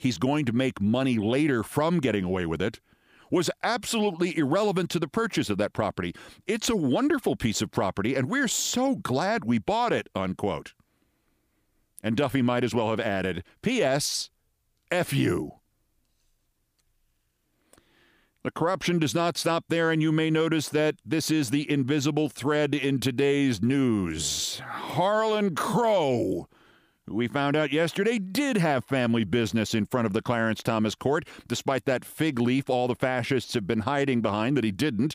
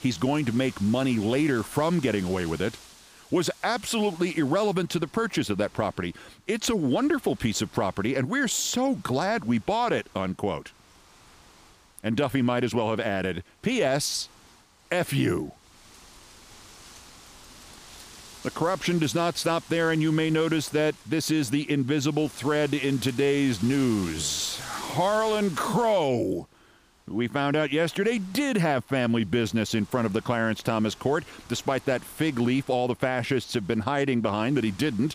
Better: first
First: none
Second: wind noise on the microphone; occasional gusts; 20 dB below the speech

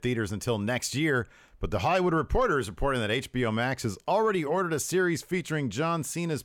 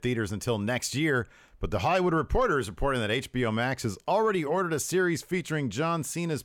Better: neither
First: none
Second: none

